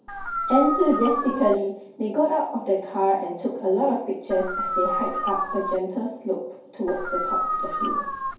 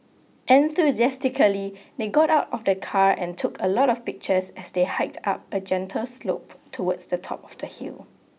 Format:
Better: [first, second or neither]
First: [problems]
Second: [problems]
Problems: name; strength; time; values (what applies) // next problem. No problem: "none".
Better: second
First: background sound (Dog); 2 dB below the speech // room echo; dies away in 2.4 s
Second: none